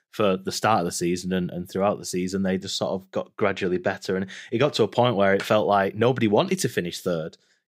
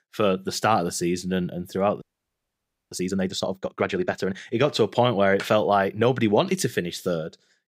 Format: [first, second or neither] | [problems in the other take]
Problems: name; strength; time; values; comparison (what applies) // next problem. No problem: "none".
first | audio freezing; at 2 s for 1 s